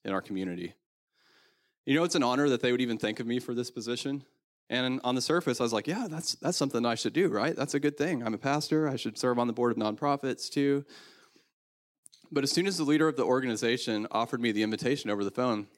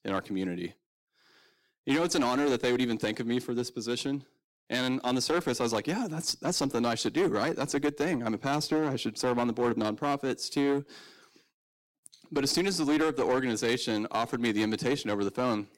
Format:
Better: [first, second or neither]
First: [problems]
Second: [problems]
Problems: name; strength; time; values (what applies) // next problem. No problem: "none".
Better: first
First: none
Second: distortion; slight; 7% of the sound clipped